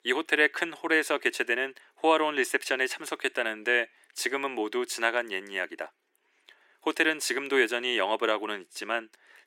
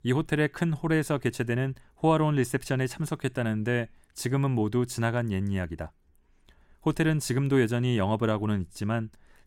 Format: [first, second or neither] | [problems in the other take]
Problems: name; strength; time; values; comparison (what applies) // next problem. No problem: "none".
second | thin; very; fading below 350 Hz